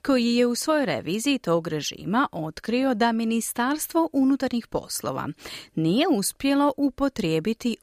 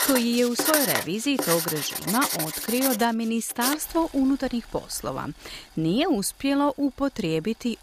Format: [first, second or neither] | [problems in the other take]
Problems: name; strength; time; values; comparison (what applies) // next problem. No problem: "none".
first | household noises; loud; throughout; 1 dB below the speech